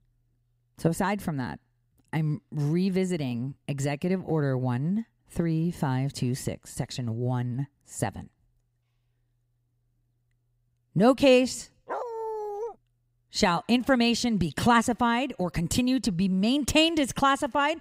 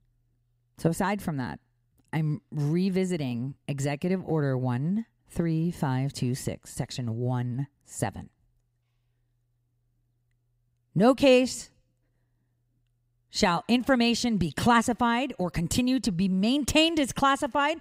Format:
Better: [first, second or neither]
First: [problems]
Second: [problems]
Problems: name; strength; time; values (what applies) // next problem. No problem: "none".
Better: second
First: dog barking; noticeable; at 12 s; peak 7 dB below the speech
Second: none